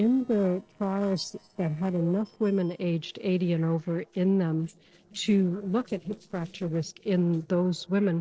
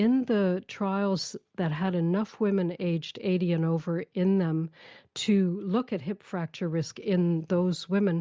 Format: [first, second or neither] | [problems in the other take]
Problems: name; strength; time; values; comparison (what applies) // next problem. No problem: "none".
second | noise reduction (neural separator model SepFormer DNS4)